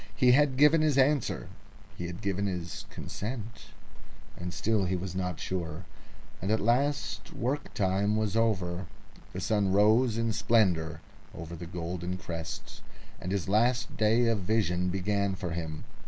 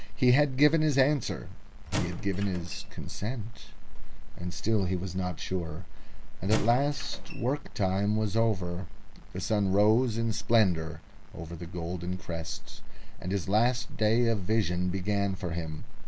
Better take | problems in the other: first | background sound (Squeak / Wood); 12 dB below the speech

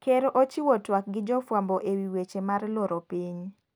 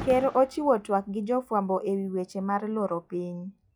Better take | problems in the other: first | noise reduction (classical method log-MMSE)

